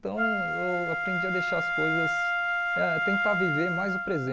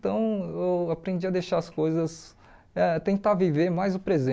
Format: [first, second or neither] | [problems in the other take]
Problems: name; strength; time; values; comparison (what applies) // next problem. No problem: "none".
second | background sound (Wind instrument, woodwind instrument); 3 dB above the speech